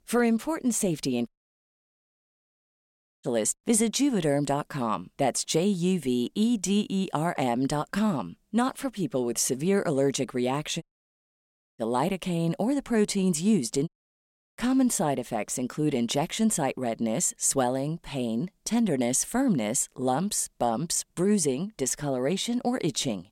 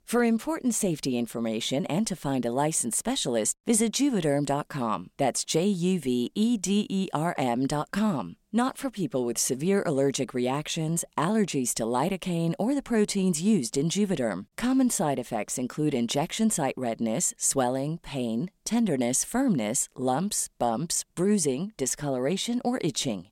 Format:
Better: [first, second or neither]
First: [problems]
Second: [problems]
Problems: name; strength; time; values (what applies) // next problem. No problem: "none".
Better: second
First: audio cutting out; at 1.5 s for 2 s, at 11 s for 1 s and at 14 s for 0.5 s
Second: none